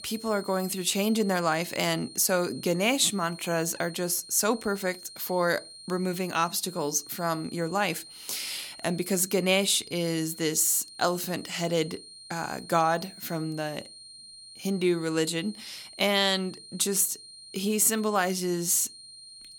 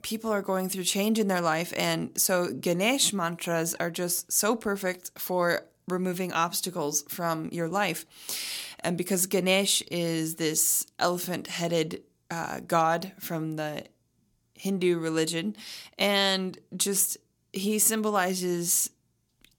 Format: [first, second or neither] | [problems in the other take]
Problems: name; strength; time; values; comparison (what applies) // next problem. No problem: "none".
second | high-pitched whine; noticeable; throughout; 4 kHz, 15 dB below the speech